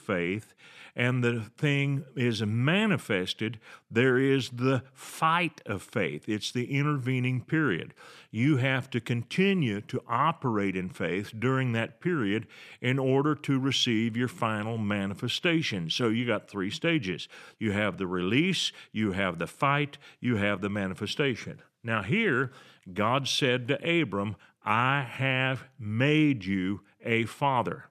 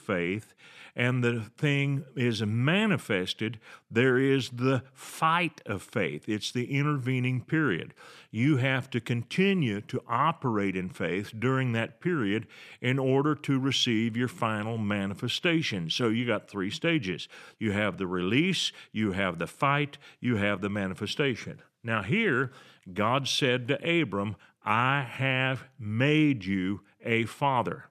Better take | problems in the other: neither | none

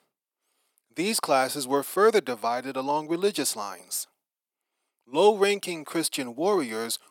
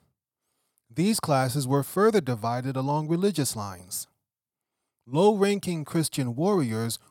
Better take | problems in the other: second | thin; somewhat; fading below 300 Hz

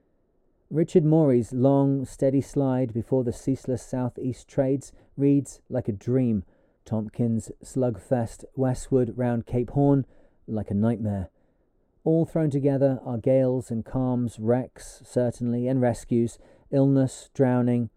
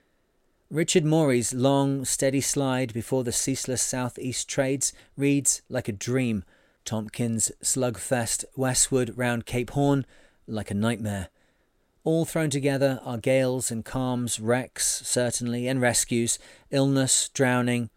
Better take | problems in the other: second | muffled; very; fading above 1.5 kHz

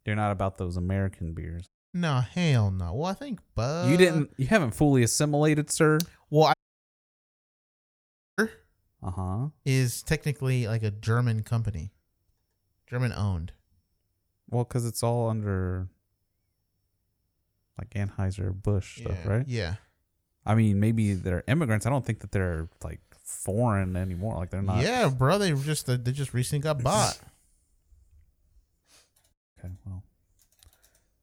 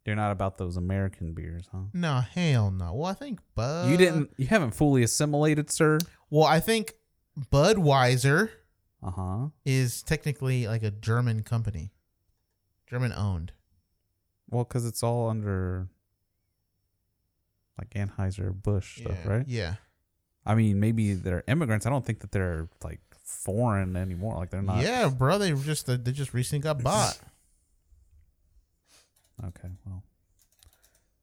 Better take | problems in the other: second | audio cutting out; at 1.5 s, at 6.5 s for 2 s and at 29 s

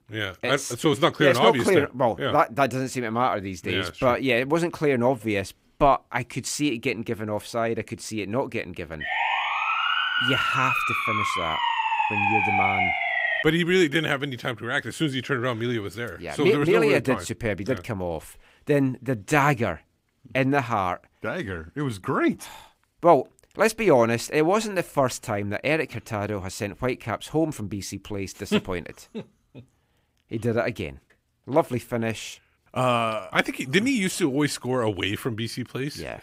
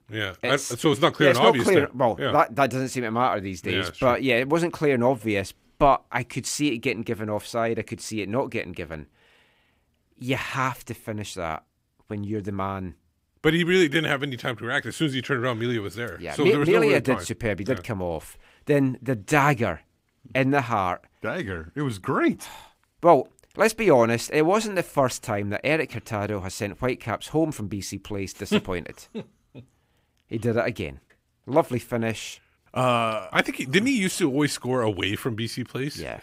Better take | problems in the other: second | siren; loud; from 9 to 13 s; peak 4 dB above the speech

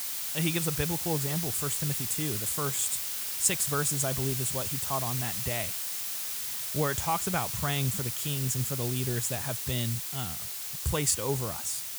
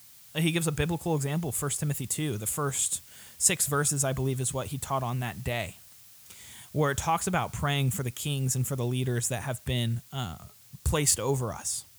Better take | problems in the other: second | hiss; loud; throughout; as loud as the speech; faint in the second

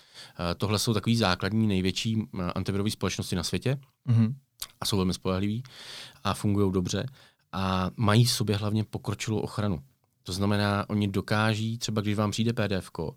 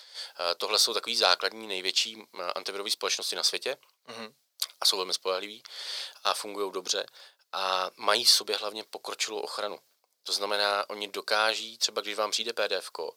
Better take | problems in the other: first | thin; very; fading below 500 Hz

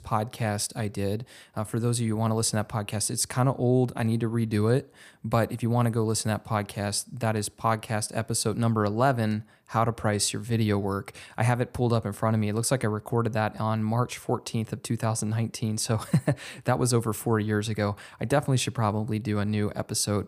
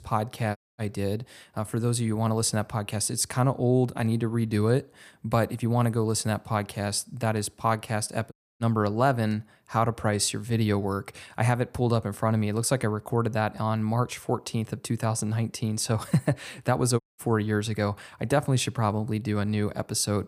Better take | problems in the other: first | audio cutting out; at 0.5 s, at 8.5 s and at 17 s

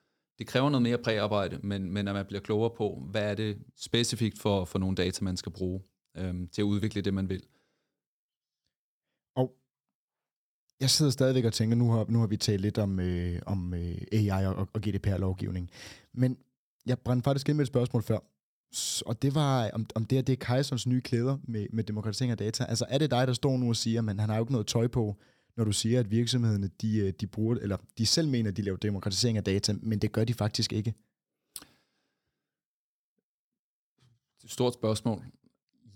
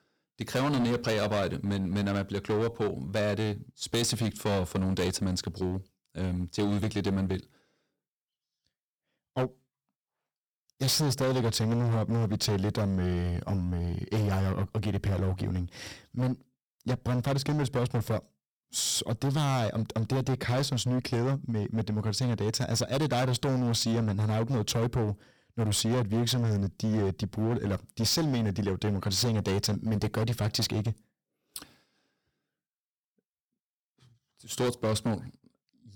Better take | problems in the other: first | distortion; heavy; 16% of the sound clipped

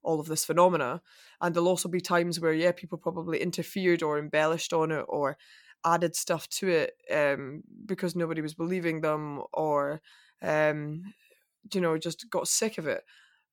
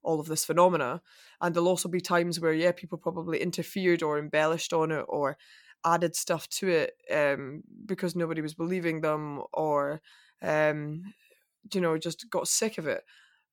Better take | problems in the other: neither | none

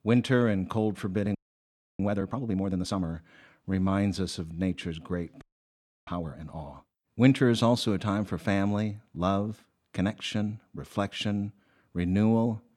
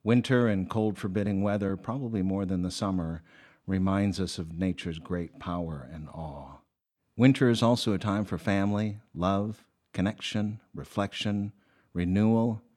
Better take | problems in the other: second | audio freezing; at 1.5 s for 0.5 s and at 5.5 s for 0.5 s

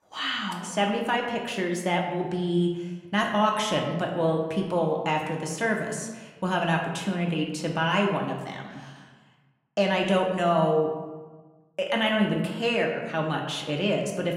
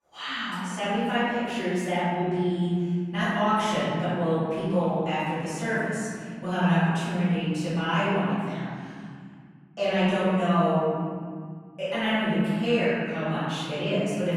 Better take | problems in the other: first | room echo; strong; dies away in 2.3 s; slight in the first // off-mic speech; far; somewhat distant in the first

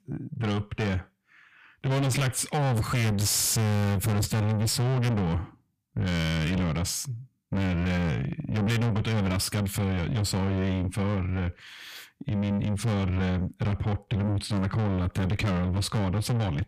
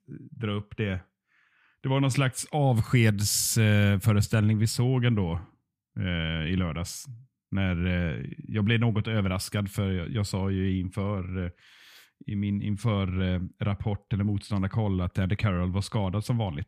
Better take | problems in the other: second | distortion; heavy; 6 dB below the speech

